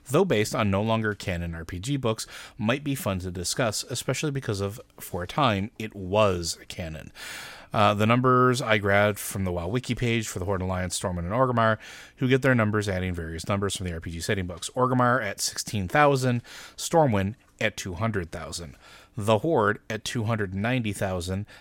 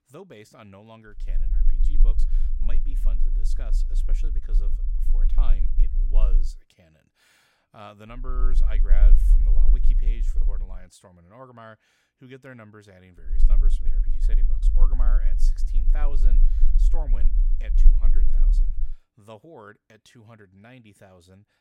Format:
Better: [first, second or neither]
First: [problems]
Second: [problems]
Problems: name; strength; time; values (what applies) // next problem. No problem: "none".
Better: first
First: none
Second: low rumble; loud; from 1 to 6.5 s, from 8.5 to 11 s and from 13 to 19 s; 6 dB below the speech